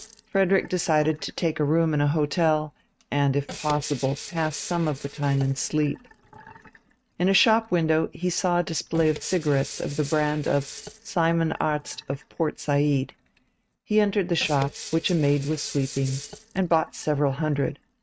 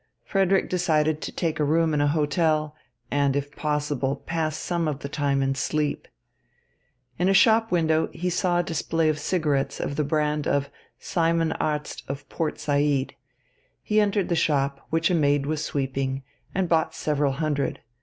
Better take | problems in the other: second | noise reduction (neural mask model RNNoise)

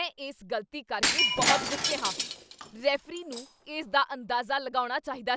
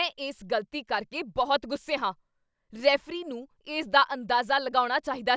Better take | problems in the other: second | background sound (Shatter); 1 dB below the speech

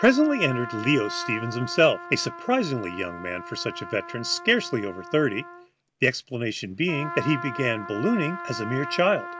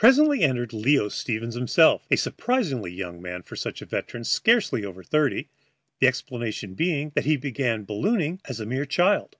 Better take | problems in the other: second | background sound (Trumpet); 11 dB below the speech

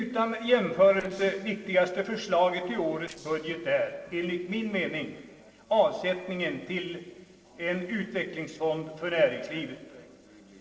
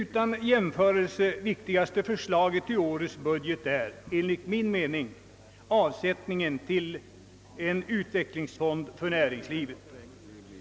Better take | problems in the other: second | noise reduction (neural separator model SepFormer DNS4)

